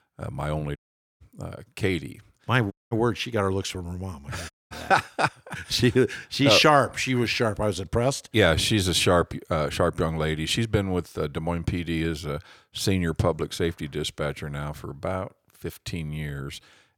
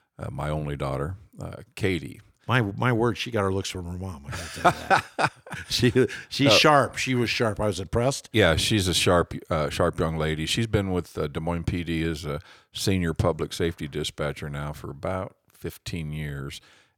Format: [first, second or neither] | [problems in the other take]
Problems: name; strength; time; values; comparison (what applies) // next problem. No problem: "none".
second | audio cutting out; at 1 s, at 2.5 s and at 4.5 s